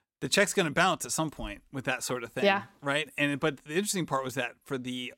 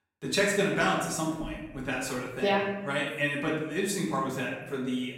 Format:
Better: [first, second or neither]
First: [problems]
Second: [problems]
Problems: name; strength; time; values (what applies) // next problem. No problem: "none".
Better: first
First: none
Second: off-mic speech; far // room echo; noticeable; dies away in 1 s